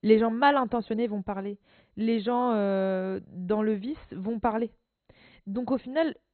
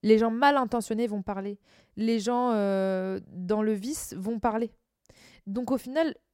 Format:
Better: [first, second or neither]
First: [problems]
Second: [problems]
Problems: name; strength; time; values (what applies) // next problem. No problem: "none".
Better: second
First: garbled, watery; badly; nothing above 4 kHz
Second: none